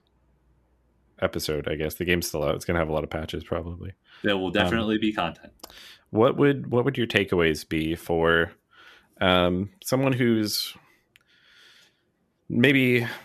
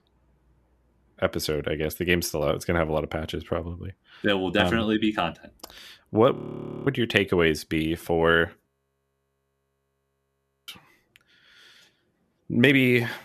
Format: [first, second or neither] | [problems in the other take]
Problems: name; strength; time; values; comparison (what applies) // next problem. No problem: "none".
first | audio freezing; at 6.5 s for 0.5 s and at 8.5 s for 2 s